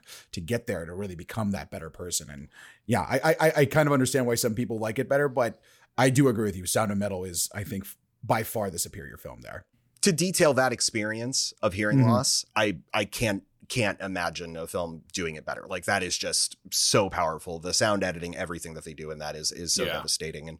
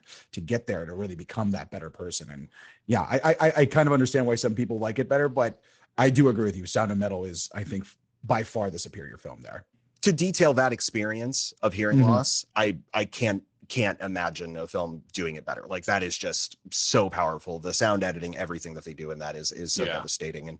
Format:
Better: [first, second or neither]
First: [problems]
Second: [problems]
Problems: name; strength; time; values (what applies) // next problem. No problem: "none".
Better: first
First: none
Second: garbled, watery; slightly